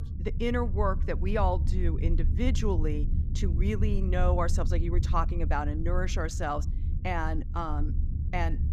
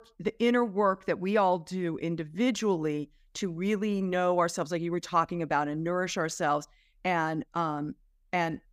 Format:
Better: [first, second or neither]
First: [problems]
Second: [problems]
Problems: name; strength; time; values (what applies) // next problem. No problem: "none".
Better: second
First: low rumble; noticeable; throughout; 15 dB below the speech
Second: none